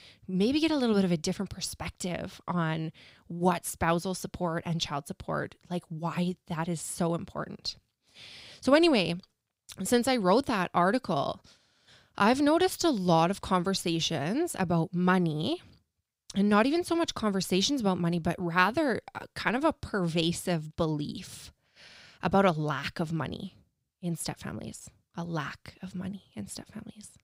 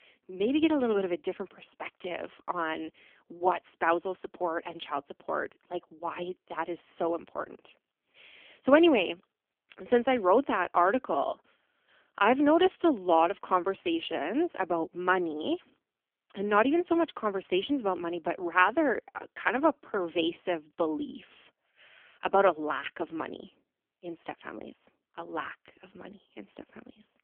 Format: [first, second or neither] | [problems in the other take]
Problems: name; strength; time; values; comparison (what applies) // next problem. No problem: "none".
first | phone-call audio; poor line; nothing above 3.5 kHz